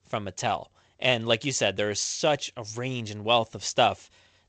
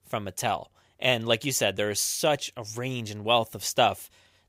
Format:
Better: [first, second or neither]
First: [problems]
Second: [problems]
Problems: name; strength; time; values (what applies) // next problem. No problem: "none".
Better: second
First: garbled, watery; slightly; nothing above 7.5 kHz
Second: none